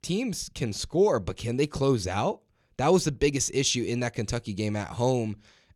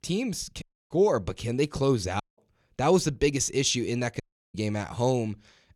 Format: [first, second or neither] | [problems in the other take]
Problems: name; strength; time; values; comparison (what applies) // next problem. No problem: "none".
first | audio cutting out; at 0.5 s, at 2 s and at 4 s